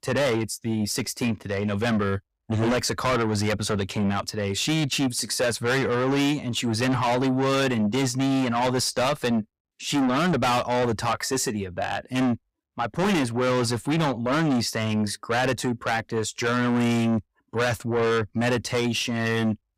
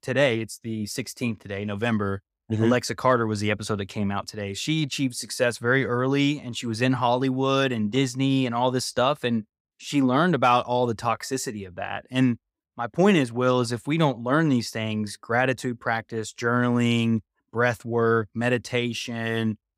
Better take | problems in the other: second | distortion; heavy; 5 dB below the speech

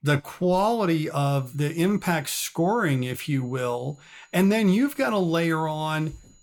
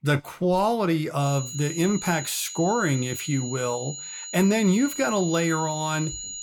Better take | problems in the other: first | high-pitched whine; loud; from 1 s on; 7 kHz, 9 dB below the speech; faint in the first

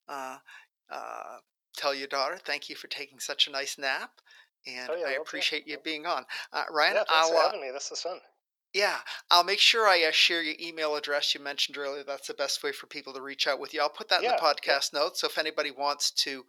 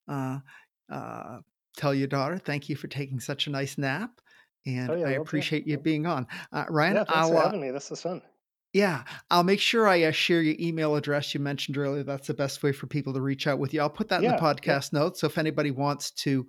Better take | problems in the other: second | thin; very; fading below 550 Hz

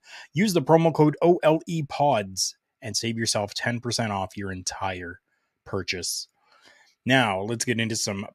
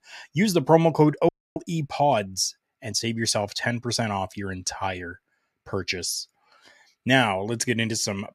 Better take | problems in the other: first | audio cutting out; at 1.5 s

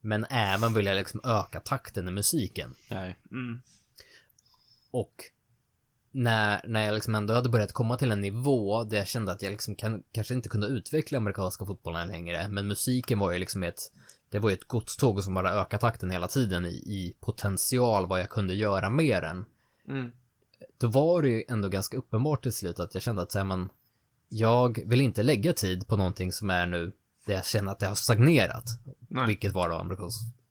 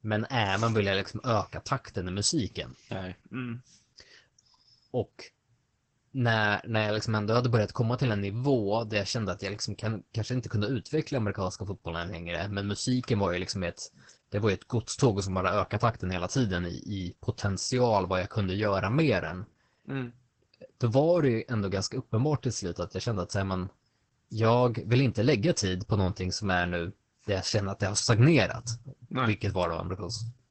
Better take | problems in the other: first | garbled, watery; badly; nothing above 8 kHz; slightly in the first

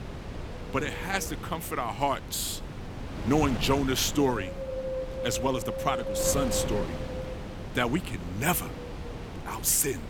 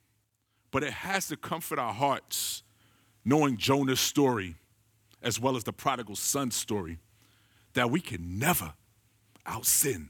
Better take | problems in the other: second | wind noise on the microphone; heavy; 7 dB below the speech

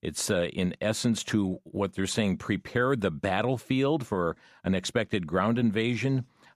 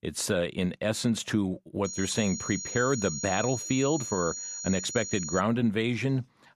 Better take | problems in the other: first | high-pitched whine; loud; from 2 to 5.5 s; 7 kHz, 6 dB below the speech

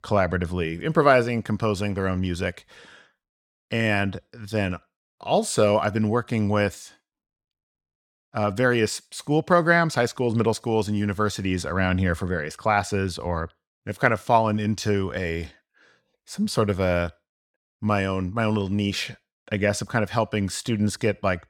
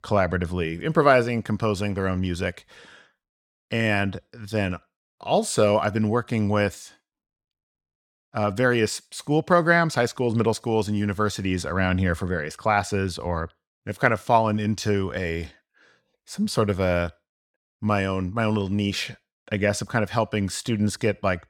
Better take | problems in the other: neither | none

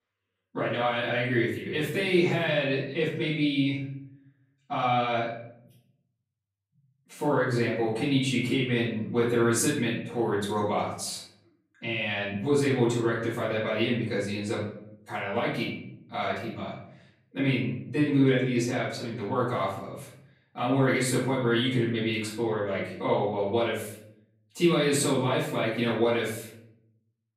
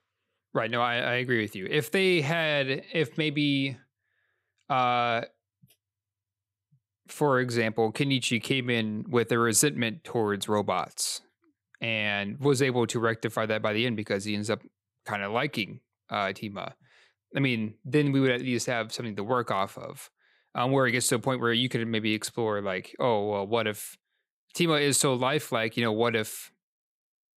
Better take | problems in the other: second | off-mic speech; far // room echo; noticeable; dies away in 0.7 s

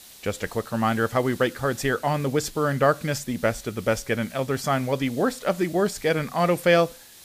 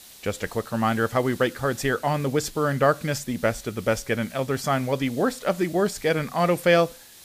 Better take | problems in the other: neither | hiss; faint; throughout; 20 dB below the speech; the same in both

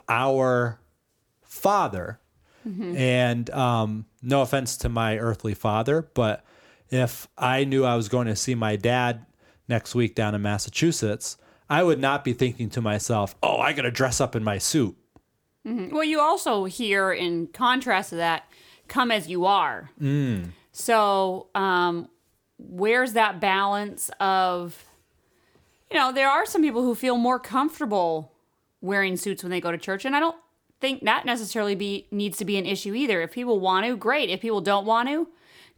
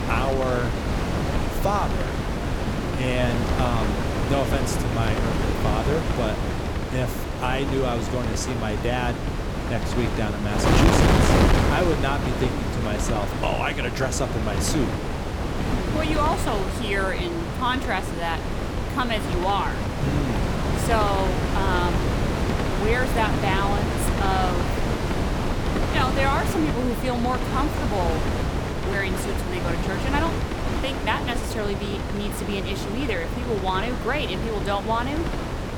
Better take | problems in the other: first | wind noise on the microphone; heavy; 2 dB below the speech

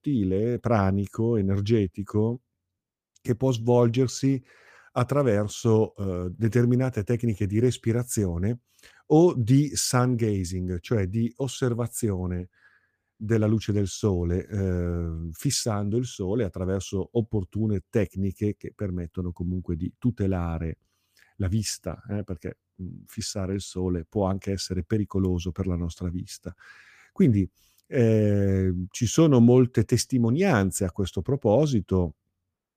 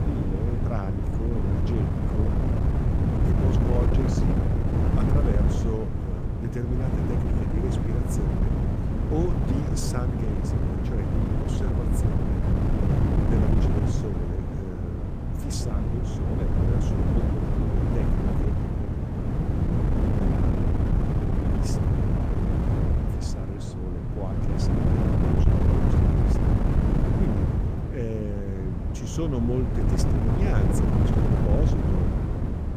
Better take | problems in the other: first | wind noise on the microphone; heavy; 5 dB above the speech

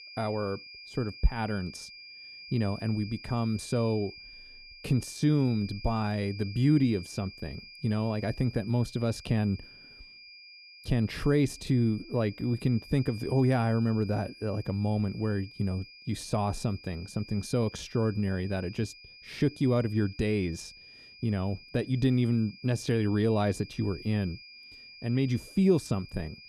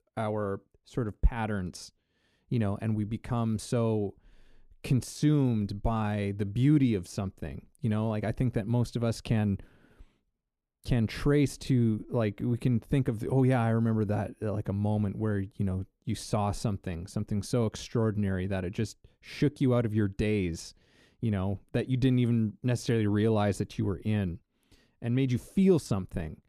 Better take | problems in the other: second | high-pitched whine; noticeable; throughout; 2.5 kHz, 15 dB below the speech

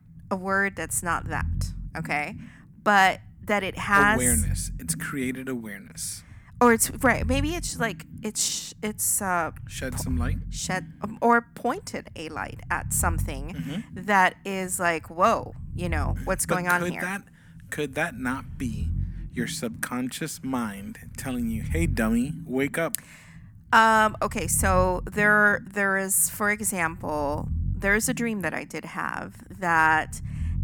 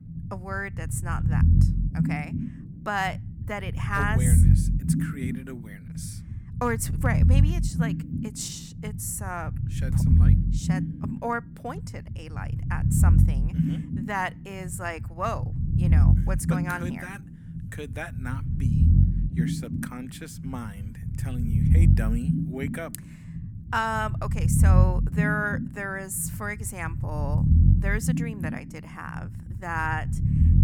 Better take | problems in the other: first | low rumble; loud; throughout; 5 dB below the speech; faint in the first

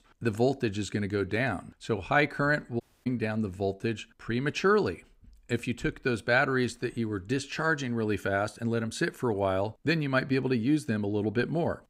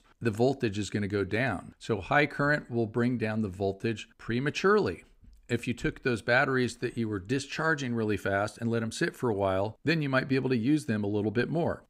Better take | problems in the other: second | audio cutting out; at 3 s

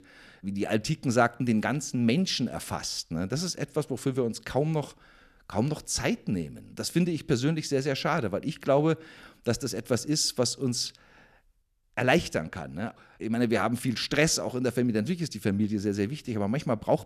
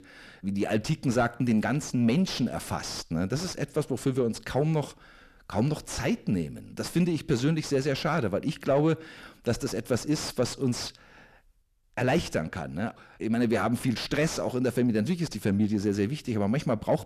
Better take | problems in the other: first | distortion; slight; 9 dB below the speech

